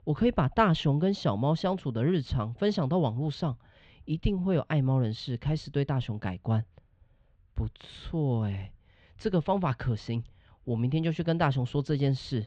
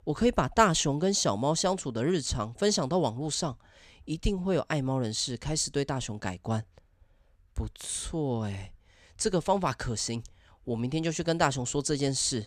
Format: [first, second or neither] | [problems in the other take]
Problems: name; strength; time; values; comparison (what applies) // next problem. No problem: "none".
second | muffled; slightly; fading above 3.5 kHz